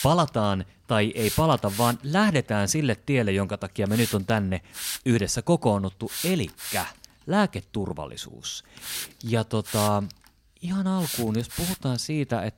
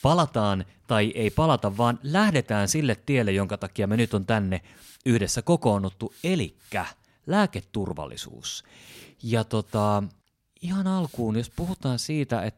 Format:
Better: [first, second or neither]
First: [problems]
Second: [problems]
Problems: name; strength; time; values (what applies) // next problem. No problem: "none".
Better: second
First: hiss; loud; throughout; 7 dB below the speech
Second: hiss; faint; throughout; 25 dB below the speech